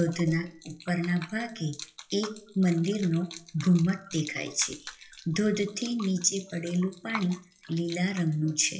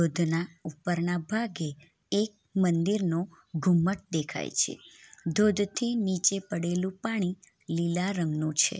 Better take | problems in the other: second | noise reduction (classical method WPE with log-MMSE)

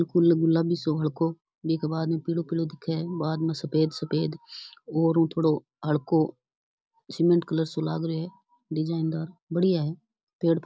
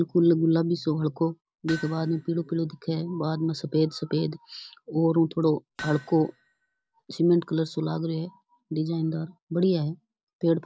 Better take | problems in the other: first | background sound (Hammer); 18 dB below the speech

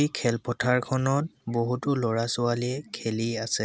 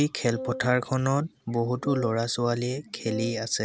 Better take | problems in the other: first | background sound (Wind instrument, woodwind instrument); 11 dB below the speech

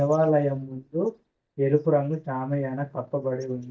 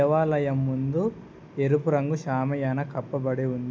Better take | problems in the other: second | noise reduction (neural mask model DeepFilterNet 3)

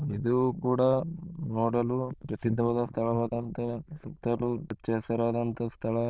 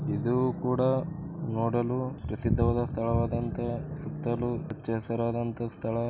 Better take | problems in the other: second | noise reduction (neural diffusion model UNIVERSE++)

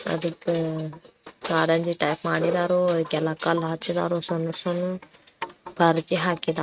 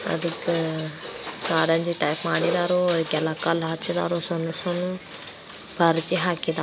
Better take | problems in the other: second | noise reduction (neural mask model RNNoise)

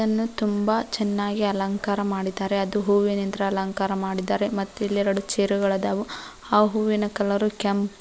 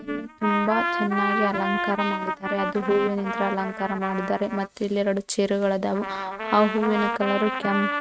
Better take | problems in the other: first | noise reduction (neural mask model RNNoise)

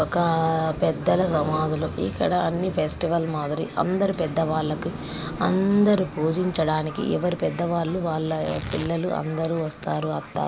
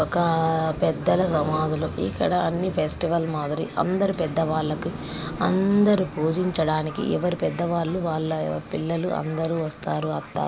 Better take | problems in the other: second | background sound (Tearing); 15 dB below the speech

